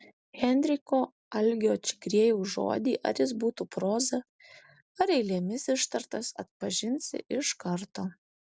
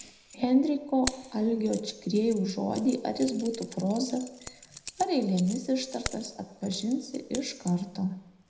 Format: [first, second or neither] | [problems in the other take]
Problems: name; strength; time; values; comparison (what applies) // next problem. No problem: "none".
first | background sound (Keys jangling); 15 dB below the speech // room echo; dies away in 0.7 s